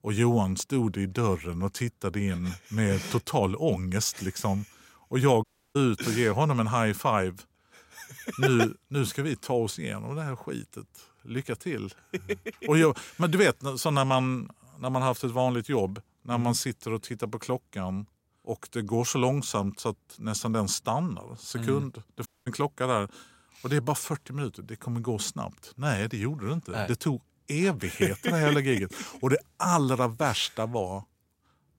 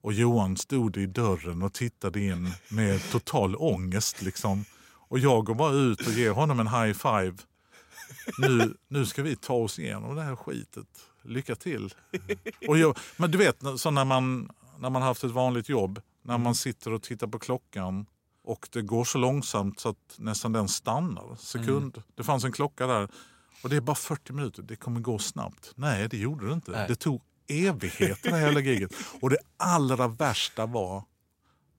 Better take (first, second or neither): second